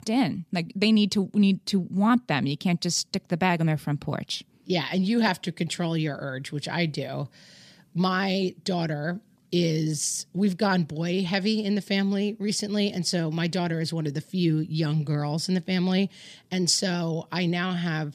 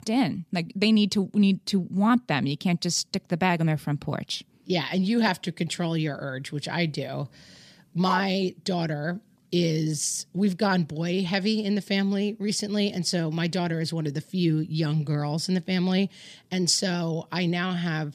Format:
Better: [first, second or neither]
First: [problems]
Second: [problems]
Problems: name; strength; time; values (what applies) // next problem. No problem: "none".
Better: first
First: none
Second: dog barking; noticeable; at 8 s; peak 5 dB below the speech